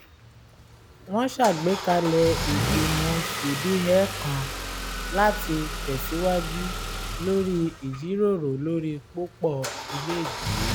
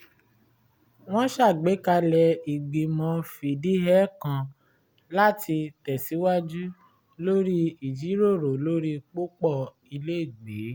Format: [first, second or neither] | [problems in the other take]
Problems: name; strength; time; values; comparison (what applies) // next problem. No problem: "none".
second | background sound (Engine starting / Car); 5 dB below the speech